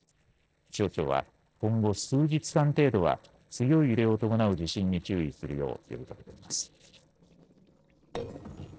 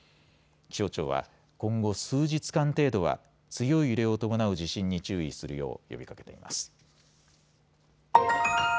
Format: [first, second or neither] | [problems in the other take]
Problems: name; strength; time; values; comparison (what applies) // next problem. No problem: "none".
second | noise reduction (neural separator model SepFormer DNS4)